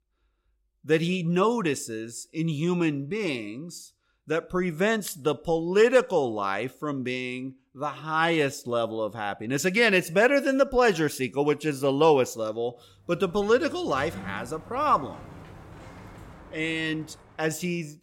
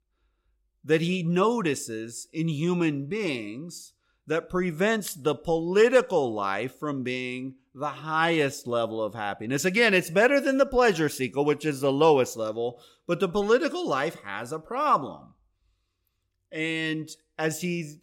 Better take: second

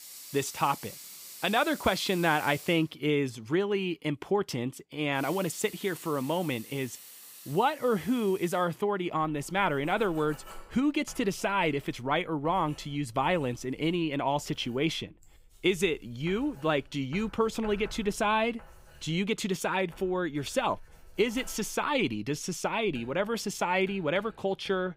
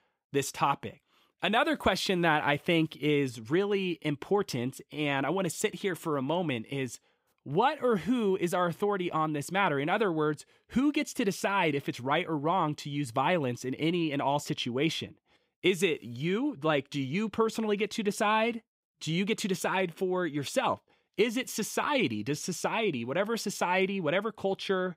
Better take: second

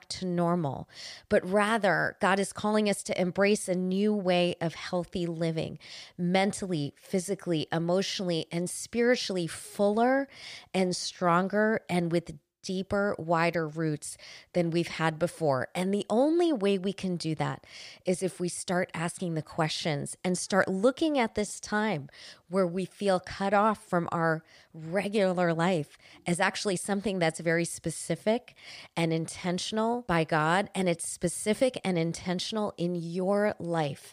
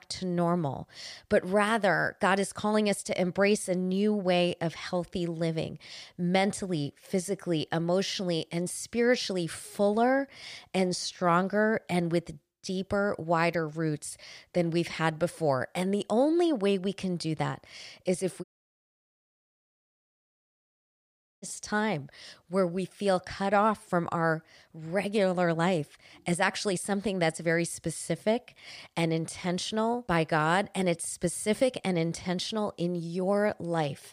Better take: first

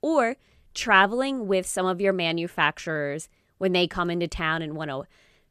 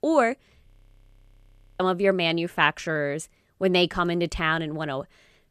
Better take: first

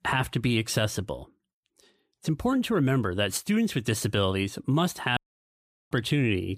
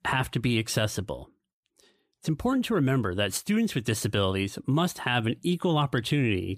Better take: second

